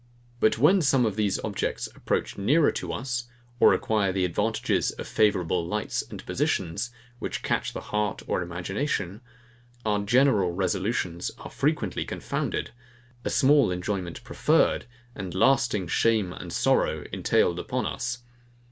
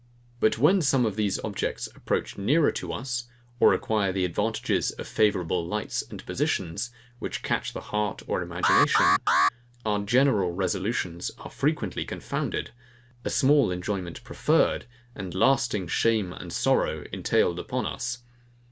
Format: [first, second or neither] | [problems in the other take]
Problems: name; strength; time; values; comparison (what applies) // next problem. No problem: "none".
first | background sound (Alarm); 2 dB above the speech